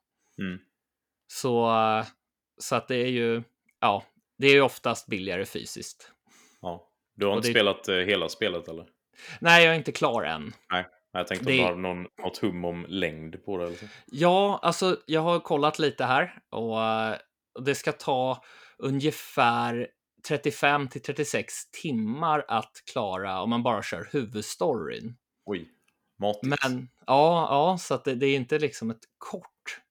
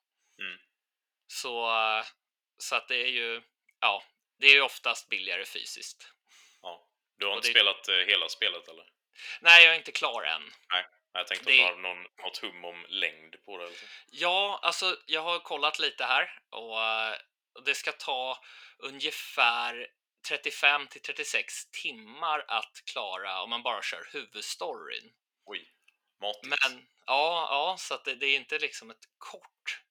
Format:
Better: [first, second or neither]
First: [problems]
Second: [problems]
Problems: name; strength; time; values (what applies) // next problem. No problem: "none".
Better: first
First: none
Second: thin; very; fading below 650 Hz